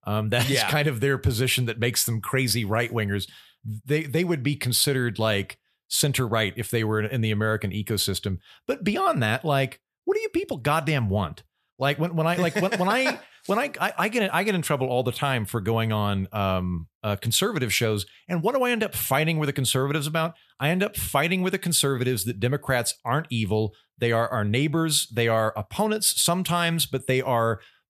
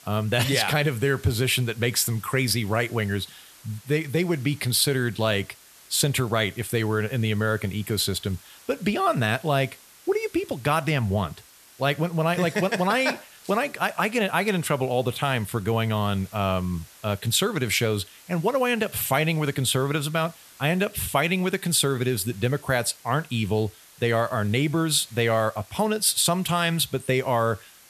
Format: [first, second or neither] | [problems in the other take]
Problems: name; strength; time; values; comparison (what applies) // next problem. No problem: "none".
first | hiss; faint; throughout; 25 dB below the speech